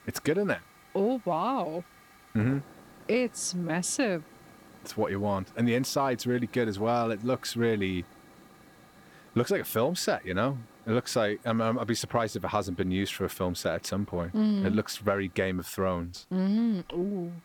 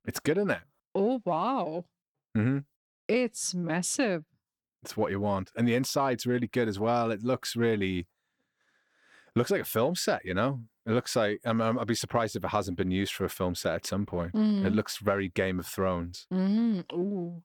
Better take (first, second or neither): second